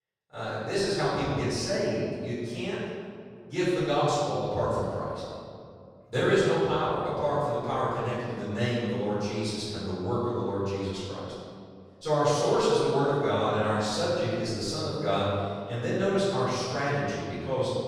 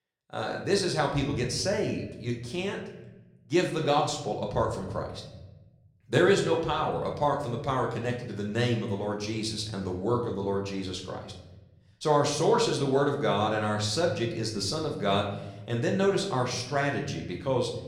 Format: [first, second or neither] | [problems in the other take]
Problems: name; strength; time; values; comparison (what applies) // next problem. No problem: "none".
second | room echo; strong; dies away in 2 s; slight in the second // off-mic speech; far; somewhat distant in the second